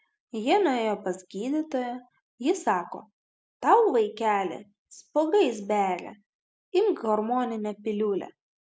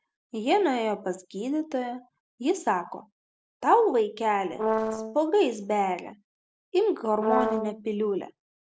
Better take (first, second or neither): first